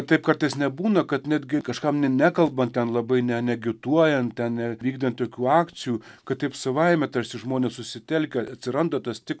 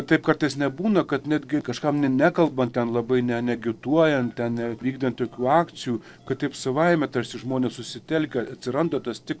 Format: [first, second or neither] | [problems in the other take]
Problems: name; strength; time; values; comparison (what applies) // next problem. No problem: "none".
first | noise reduction (neural separator model SepFormer DNS4)